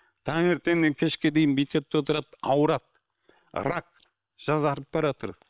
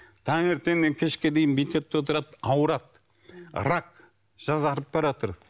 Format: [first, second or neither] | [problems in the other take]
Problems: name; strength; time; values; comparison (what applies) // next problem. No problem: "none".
second | noise reduction (neural separator model SepFormer WHAM!)